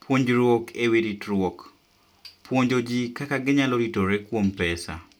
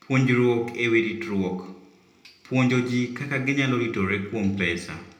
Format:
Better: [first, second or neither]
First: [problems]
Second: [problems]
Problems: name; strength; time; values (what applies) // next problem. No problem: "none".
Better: first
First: none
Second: room echo; dies away in 0.7 s